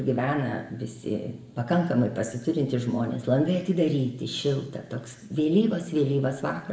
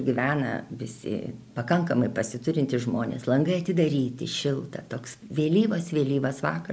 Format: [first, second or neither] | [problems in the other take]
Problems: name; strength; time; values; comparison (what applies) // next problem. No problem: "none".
second | room echo; dies away in 0.8 s